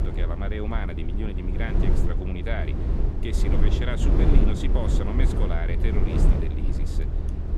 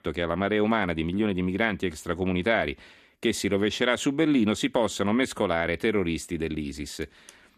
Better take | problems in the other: second | low rumble; loud; throughout; 1 dB below the speech

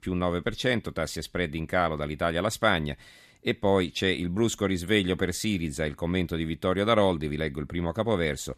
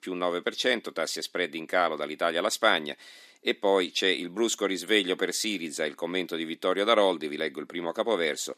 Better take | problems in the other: first | thin; somewhat; fading below 250 Hz

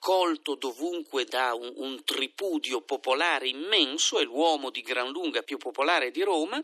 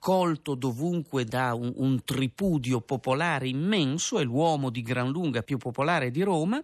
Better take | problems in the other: second | thin; somewhat; fading below 300 Hz

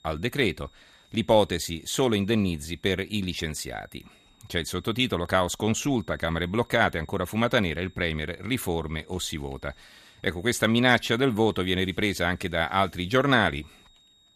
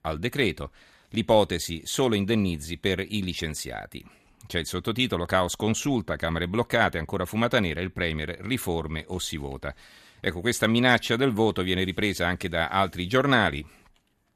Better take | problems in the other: second | high-pitched whine; faint; throughout; 3.5 kHz, 30 dB below the speech

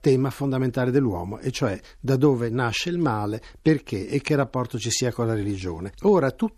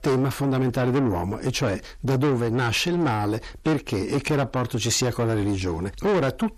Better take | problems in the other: first | distortion; heavy; 6 dB below the speech

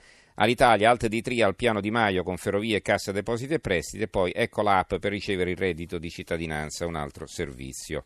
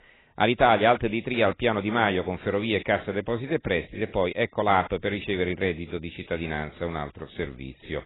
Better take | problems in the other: first | garbled, watery; badly; nothing above 4 kHz

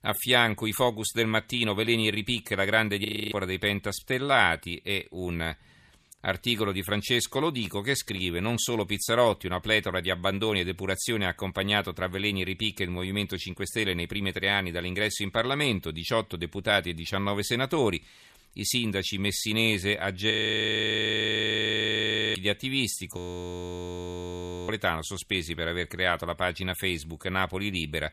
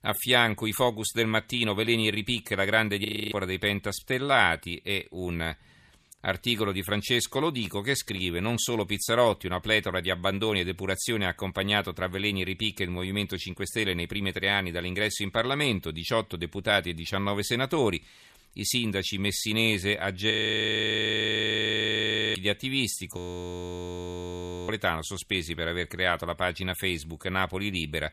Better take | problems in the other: neither | audio freezing; at 3 s, at 20 s for 2 s and at 23 s for 1.5 s; the same in both

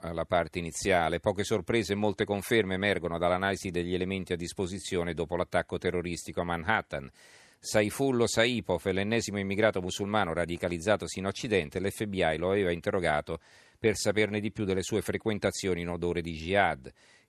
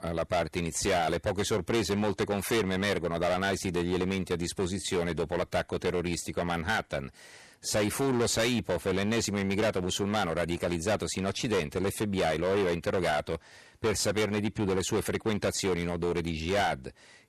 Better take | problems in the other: first | distortion; heavy; 15% of the sound clipped

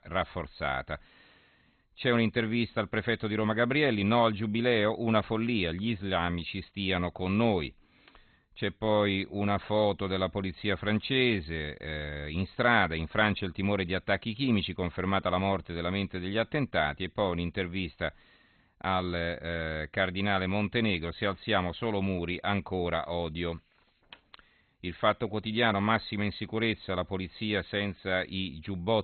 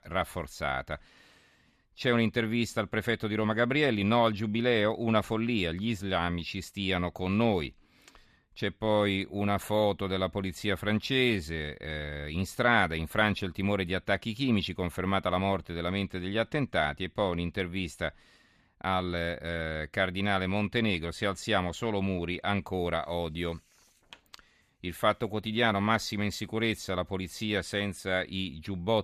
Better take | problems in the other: second | garbled, watery; badly; nothing above 4 kHz

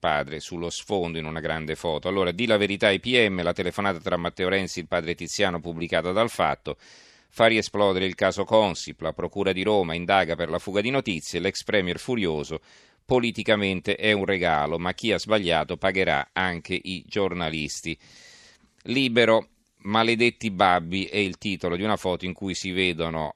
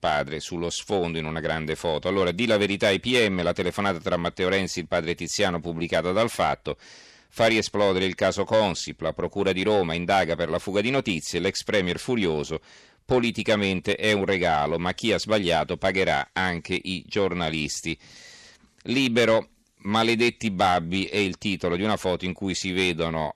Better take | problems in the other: first | distortion; slight; 10 dB below the speech

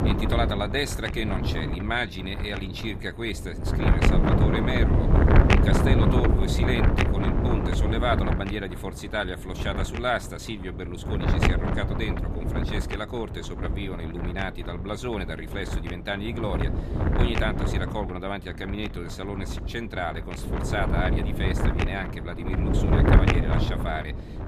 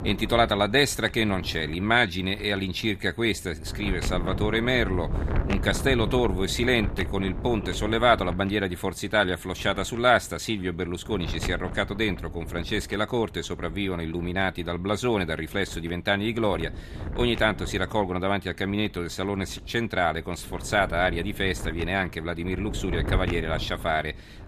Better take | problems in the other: second | wind noise on the microphone; heavy; as loud as the speech; occasional gusts in the second

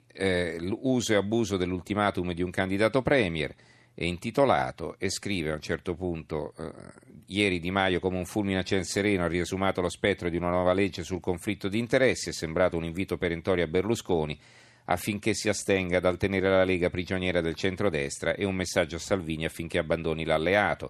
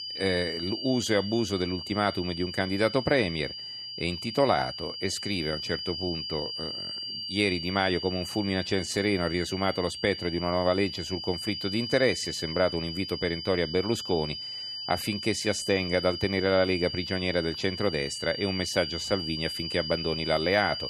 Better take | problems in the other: first | high-pitched whine; loud; throughout; 5 kHz, 6 dB below the speech

